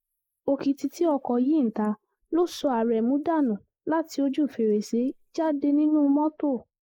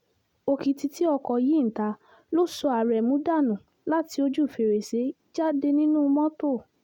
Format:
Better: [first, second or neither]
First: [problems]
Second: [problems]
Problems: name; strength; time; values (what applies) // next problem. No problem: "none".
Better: second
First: noise reduction (neural mask model Resemble Enhance denoiser)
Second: none